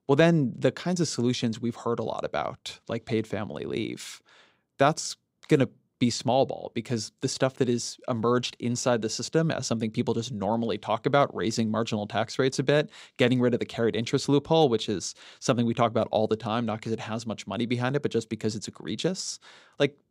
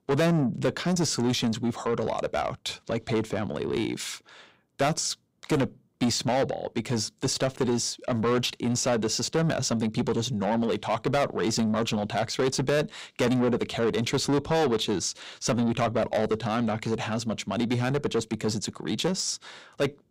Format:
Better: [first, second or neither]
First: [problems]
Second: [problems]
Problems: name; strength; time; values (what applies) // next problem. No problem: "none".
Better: first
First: none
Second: distortion; heavy; 7 dB below the speech